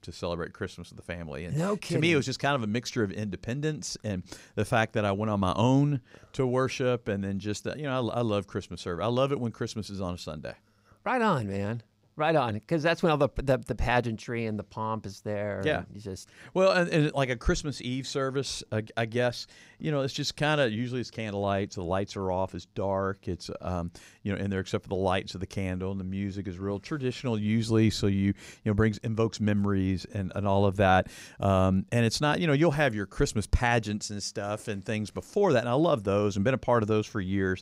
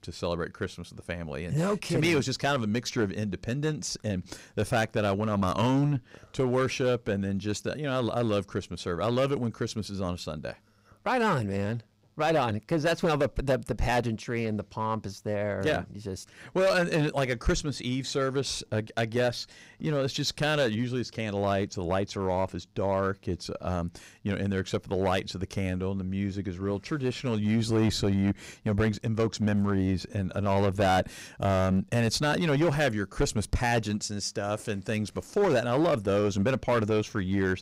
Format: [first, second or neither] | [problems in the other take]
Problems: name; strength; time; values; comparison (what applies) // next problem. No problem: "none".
first | distortion; slight; 6% of the sound clipped